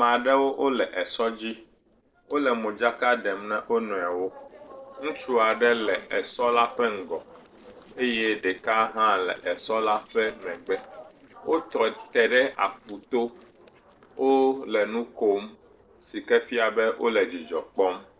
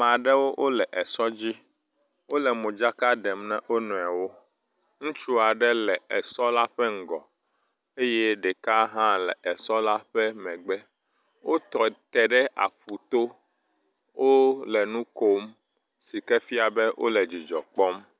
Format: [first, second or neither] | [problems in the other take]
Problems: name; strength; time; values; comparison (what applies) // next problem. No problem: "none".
second | noise reduction (neural separator model SepFormer DNS4)